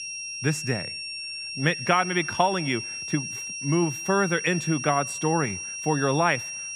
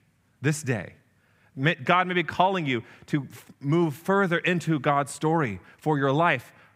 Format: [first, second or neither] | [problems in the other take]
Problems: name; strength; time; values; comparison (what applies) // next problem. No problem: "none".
second | high-pitched whine; loud; throughout; 5.5 kHz, 6 dB below the speech